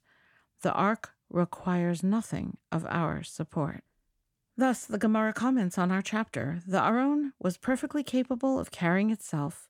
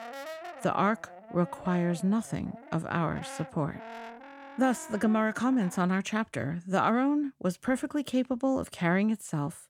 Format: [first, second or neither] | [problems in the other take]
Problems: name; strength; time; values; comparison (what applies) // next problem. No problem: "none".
first | background music; noticeable; throughout; 15 dB below the speech